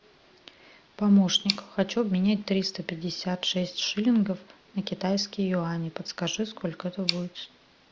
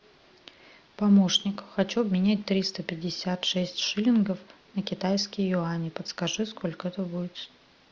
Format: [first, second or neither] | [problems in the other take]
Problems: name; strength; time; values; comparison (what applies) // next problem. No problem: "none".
second | background sound (Tick); 15 dB below the speech